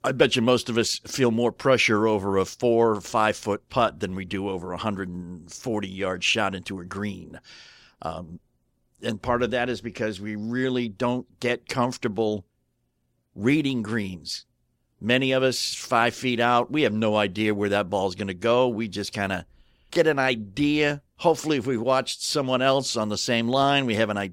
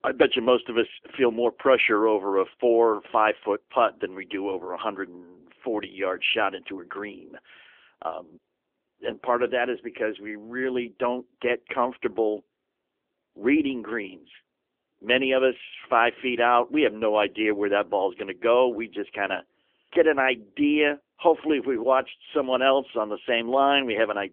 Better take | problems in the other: first | phone-call audio; nothing above 3 kHz

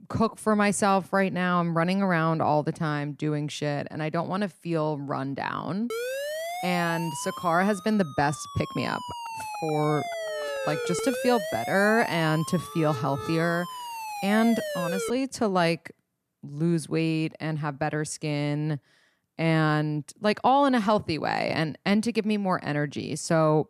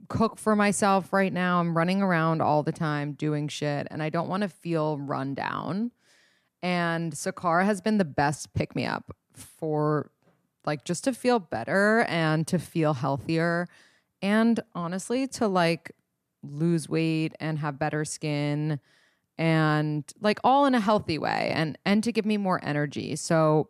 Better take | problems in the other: second | siren; noticeable; from 6 to 15 s; peak 4 dB below the speech

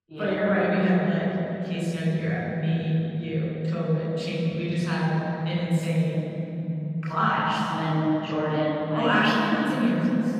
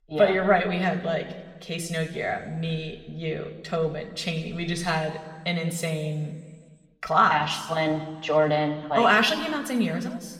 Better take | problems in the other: second | room echo; strong; dies away in 3 s; slight in the second // off-mic speech; far

